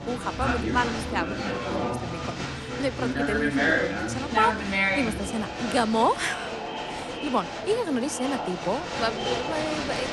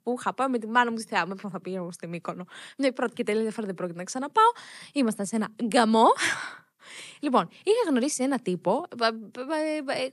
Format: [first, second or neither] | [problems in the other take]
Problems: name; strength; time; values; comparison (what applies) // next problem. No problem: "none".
second | crowd noise; very loud; throughout; as loud as the speech